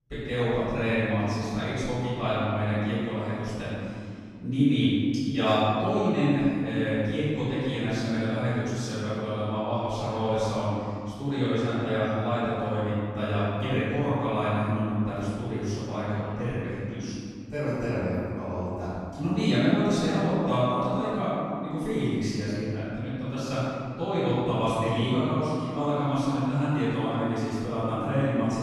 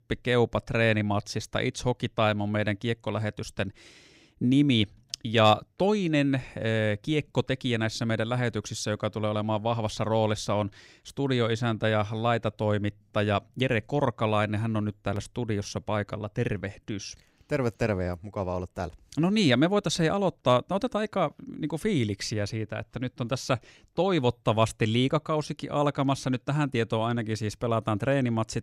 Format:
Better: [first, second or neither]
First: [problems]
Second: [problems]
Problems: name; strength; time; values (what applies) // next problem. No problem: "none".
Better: second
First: off-mic speech; far // room echo; strong; dies away in 2.4 s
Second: none